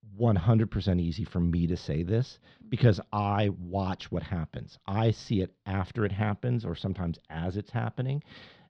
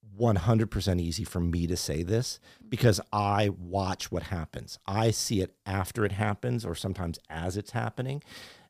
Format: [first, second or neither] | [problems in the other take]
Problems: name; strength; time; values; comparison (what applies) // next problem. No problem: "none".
second | muffled; slightly; fading above 4 kHz